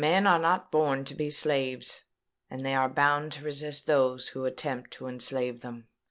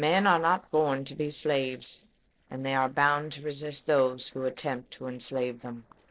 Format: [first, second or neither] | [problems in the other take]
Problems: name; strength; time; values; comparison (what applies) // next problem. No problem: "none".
first | noise reduction (neural separator model SepFormer DNS4)